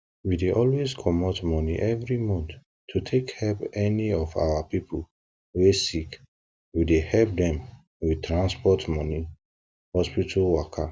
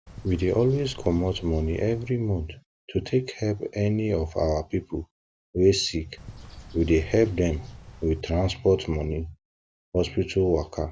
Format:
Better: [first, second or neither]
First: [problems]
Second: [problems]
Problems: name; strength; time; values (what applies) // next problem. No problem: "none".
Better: first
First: none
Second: background sound (Bird); 17 dB below the speech